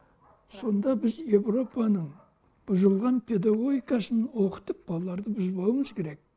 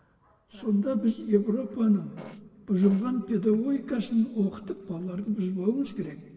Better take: first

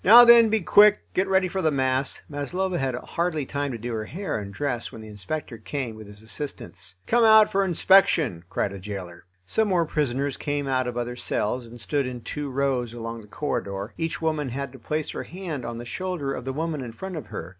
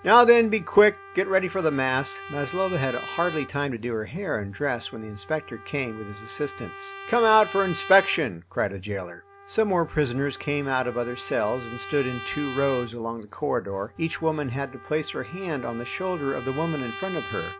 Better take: first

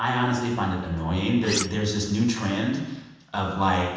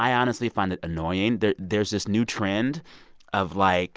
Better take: second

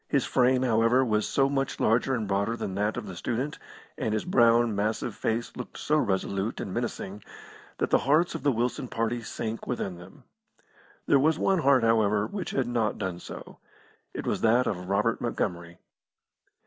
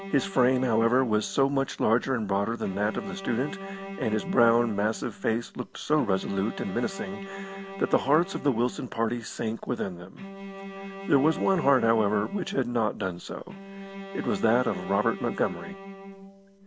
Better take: first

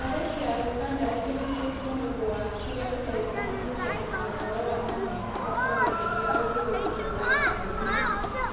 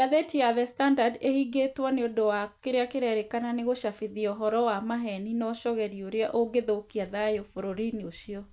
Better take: second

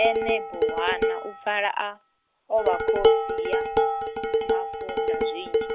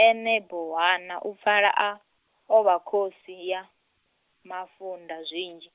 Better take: second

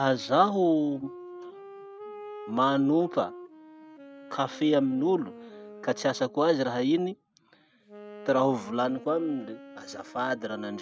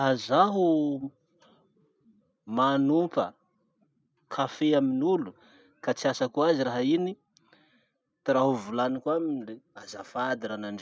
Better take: second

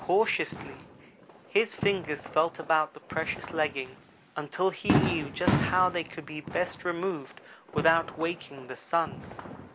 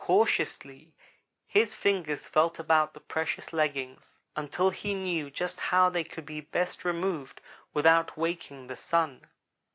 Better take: second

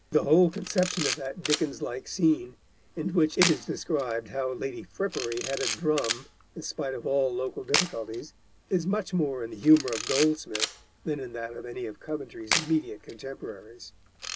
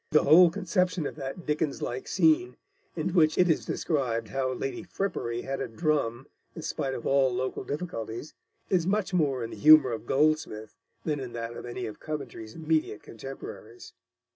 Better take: second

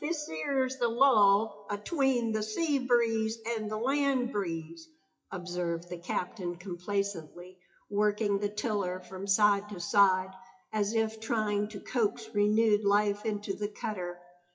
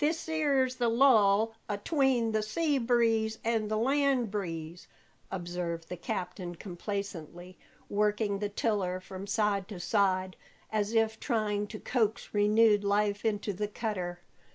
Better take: second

